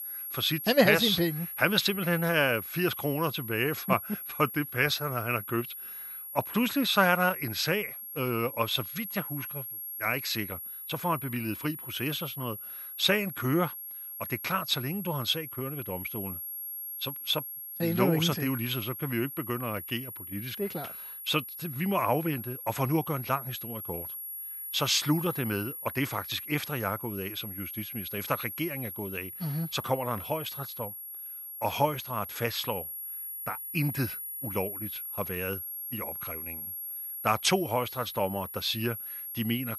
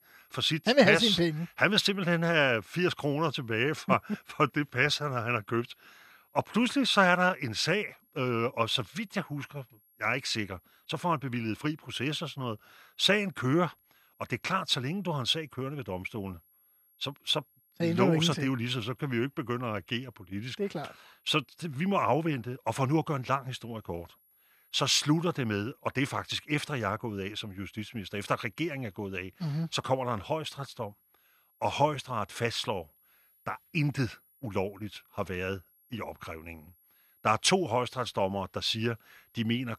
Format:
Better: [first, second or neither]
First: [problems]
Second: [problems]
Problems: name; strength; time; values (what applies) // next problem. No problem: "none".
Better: second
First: high-pitched whine; loud; throughout; 11.5 kHz, 7 dB below the speech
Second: high-pitched whine; faint; throughout; 11.5 kHz, 35 dB below the speech